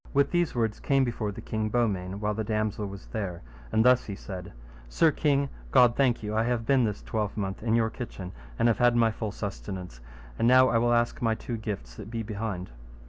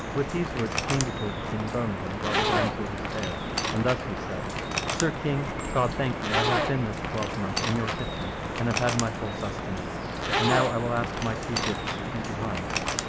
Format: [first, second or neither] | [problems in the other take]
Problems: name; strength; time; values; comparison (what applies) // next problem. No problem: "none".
first | background sound (Zipper (clothing) + Drip); 1 dB above the speech